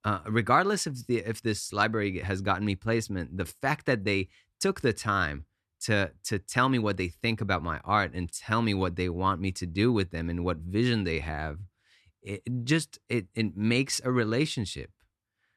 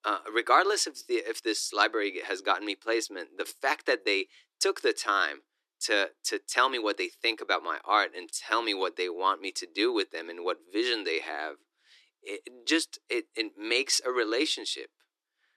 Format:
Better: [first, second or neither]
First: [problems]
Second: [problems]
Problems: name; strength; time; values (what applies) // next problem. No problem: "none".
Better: first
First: none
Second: thin; very; fading below 300 Hz